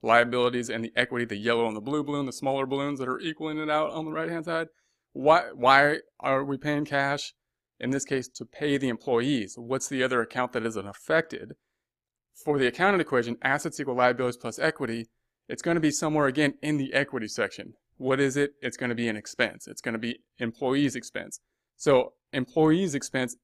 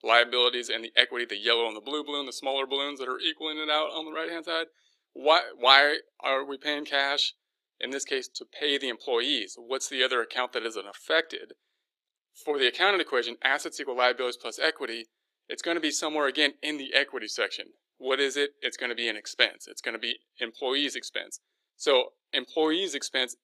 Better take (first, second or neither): first